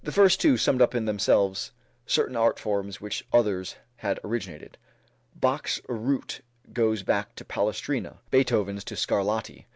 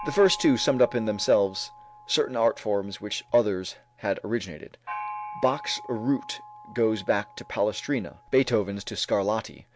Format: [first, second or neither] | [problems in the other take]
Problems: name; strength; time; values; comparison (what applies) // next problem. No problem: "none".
first | background sound (Gong); 16 dB below the speech